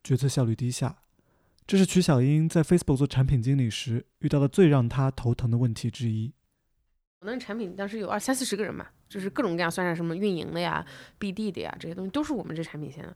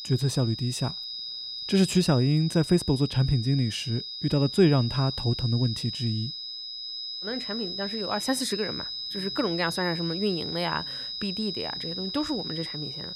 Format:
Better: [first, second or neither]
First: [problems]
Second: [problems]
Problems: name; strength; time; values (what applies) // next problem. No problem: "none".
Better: first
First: none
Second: high-pitched whine; loud; throughout; 5 kHz, 5 dB below the speech